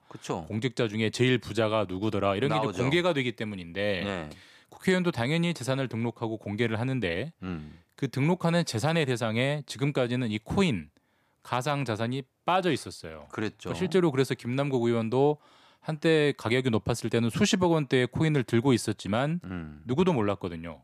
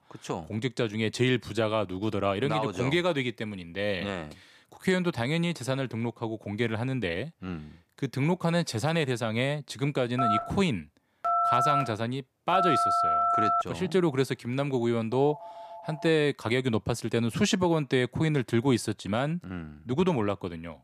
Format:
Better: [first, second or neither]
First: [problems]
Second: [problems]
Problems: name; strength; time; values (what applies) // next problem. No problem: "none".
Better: first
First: none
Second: phone ringing; loud; from 10 to 14 s; peak 5 dB above the speech // phone ringing; faint; at 15 s; peak 15 dB below the speech